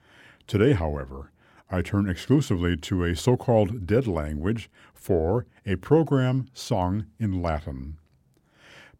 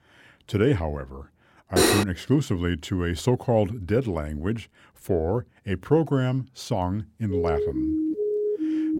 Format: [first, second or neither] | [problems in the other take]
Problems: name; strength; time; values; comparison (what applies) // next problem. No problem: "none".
first | clattering dishes; loud; at 2 s; peak 6 dB above the speech // siren; loud; from 7.5 s on; peak level with the speech